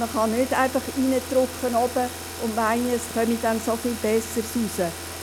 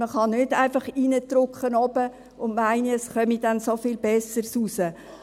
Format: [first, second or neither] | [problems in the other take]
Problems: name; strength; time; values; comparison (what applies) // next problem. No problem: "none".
second | background sound (Car); 10 dB below the speech